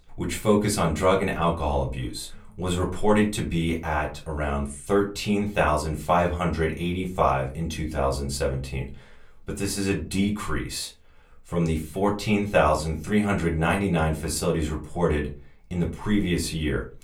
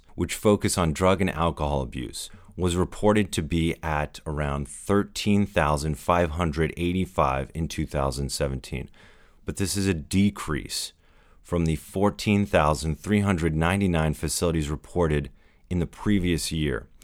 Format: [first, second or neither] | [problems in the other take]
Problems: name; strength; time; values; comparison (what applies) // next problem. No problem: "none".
second | off-mic speech; far // room echo; very slight; dies away in 0.3 s